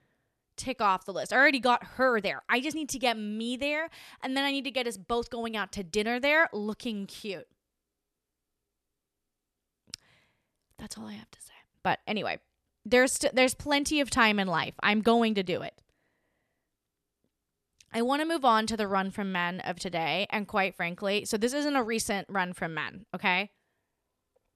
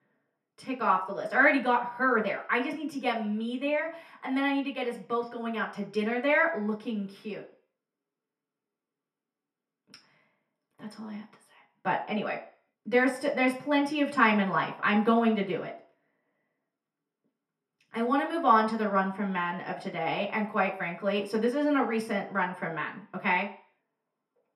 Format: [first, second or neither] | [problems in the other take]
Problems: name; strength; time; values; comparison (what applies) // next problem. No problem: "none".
first | room echo; slight; dies away in 0.5 s // off-mic speech; far